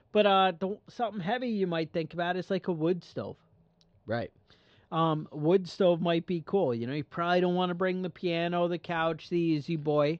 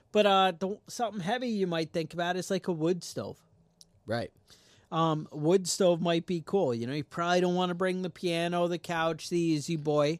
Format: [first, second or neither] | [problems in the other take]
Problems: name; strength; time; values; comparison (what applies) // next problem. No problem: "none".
second | muffled; slightly; fading above 3.5 kHz